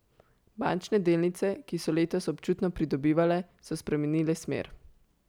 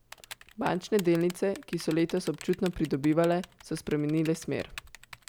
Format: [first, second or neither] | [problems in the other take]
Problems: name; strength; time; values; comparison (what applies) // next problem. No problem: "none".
first | background sound (Typing); 19 dB below the speech